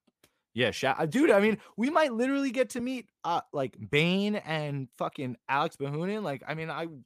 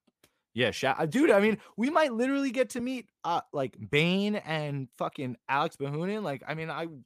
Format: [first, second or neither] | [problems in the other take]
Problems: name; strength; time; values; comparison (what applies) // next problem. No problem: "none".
neither | none